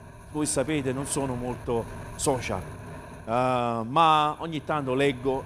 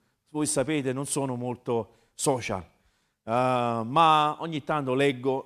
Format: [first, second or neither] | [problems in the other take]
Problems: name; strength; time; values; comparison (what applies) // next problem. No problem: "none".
second | wind noise on the microphone; occasional gusts; 20 dB below the speech